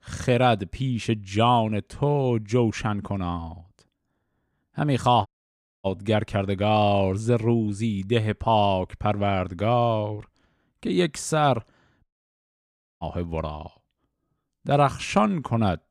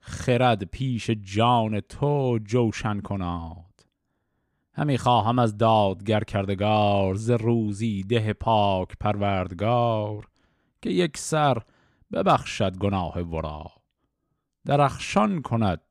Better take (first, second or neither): second